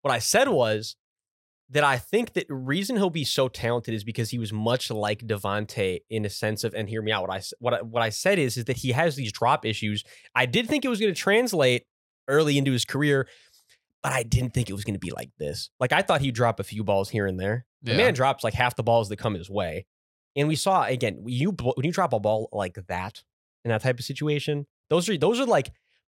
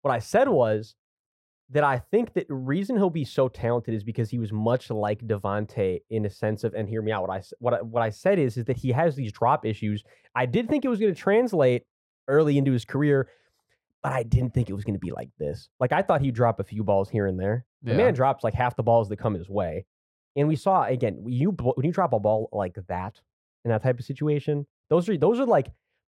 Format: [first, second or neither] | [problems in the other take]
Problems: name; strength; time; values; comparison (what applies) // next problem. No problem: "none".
first | muffled; very; fading above 2 kHz